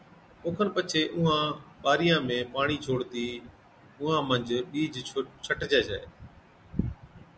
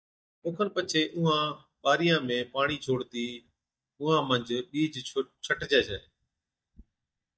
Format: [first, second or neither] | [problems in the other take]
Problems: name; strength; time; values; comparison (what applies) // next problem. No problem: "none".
first | noise reduction (neural mask model DeepFilterNet 3)